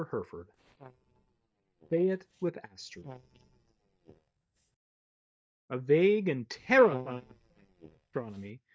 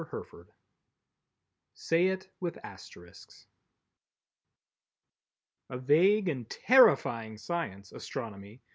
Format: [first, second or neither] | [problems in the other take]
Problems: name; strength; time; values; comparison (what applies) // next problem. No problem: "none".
second | noise reduction (neural mask model DeepFilterNet 3)